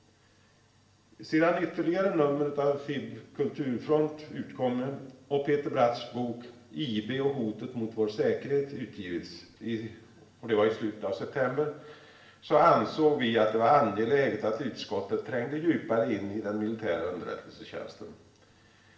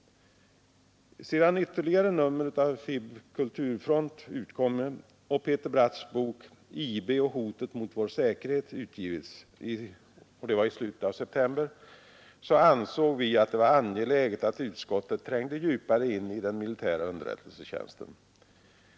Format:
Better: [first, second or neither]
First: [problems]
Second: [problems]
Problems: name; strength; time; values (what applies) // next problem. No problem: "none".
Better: second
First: room echo; dies away in 0.8 s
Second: none